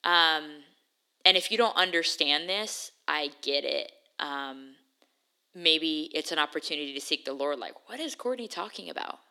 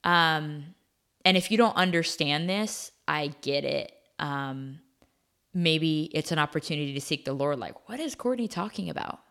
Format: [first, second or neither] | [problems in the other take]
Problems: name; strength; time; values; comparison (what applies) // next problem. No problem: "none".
second | thin; somewhat; fading below 300 Hz